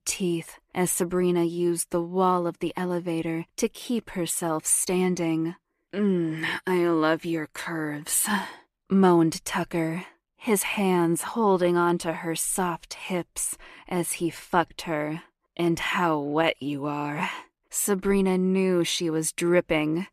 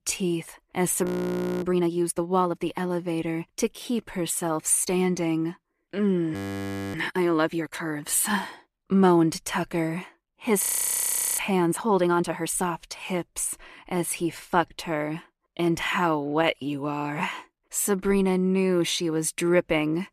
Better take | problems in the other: first | audio freezing; at 1 s for 0.5 s, at 6.5 s for 0.5 s and at 11 s for 1 s

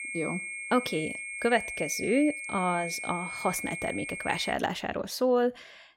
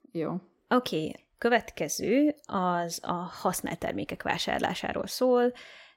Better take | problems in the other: second | high-pitched whine; loud; until 4.5 s; 2 kHz, 6 dB below the speech

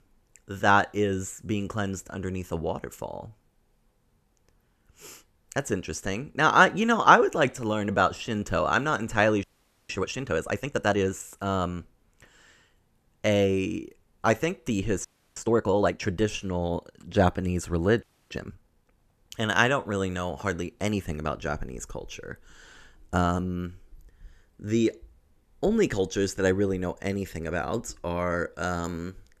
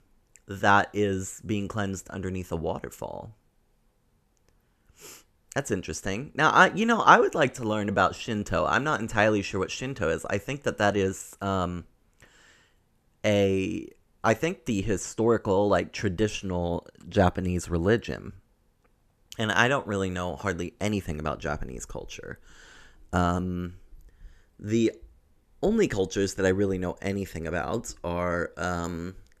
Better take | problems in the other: second | audio freezing; at 9.5 s, at 15 s and at 18 s

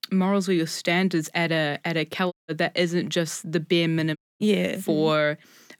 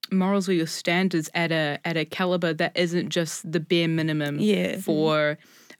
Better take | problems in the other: second | audio cutting out; at 2.5 s and at 4 s

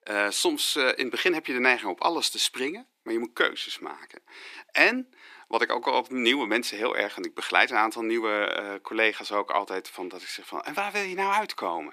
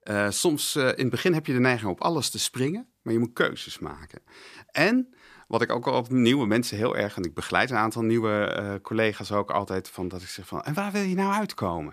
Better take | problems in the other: second | thin; somewhat; fading below 300 Hz

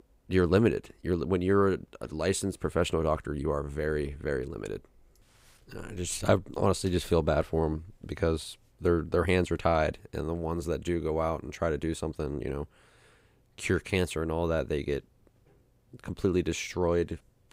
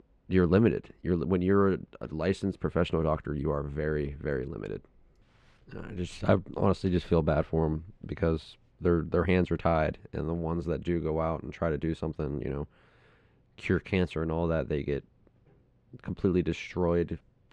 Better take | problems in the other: first | muffled; slightly; fading above 3 kHz

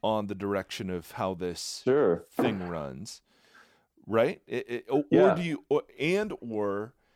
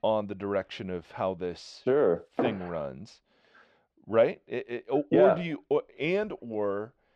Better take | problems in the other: first | muffled; slightly; fading above 3 kHz

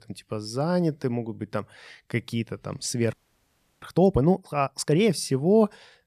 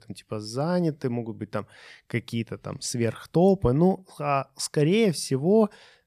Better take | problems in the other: second | audio freezing; at 3 s for 0.5 s

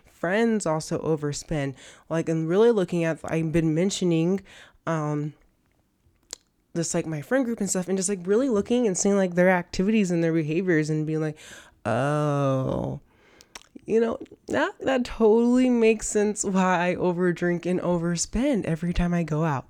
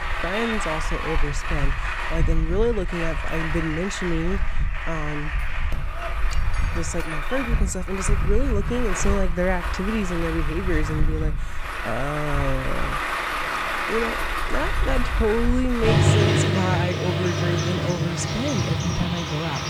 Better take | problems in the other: first | traffic noise; very loud; throughout; 2 dB above the speech

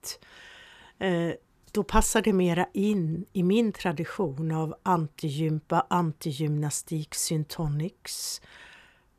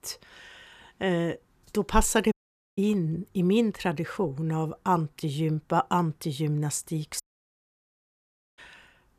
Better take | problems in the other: first | audio cutting out; at 2.5 s and at 7 s for 1.5 s

